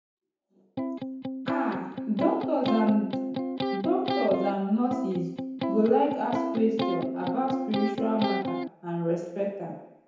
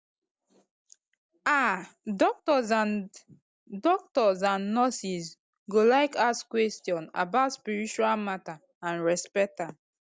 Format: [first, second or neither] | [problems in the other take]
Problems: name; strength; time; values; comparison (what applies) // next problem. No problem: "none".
second | background sound (Electric guitar); 2 dB below the speech // room echo; dies away in 1 s